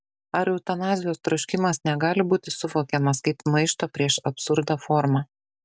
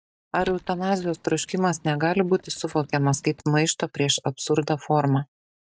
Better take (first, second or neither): first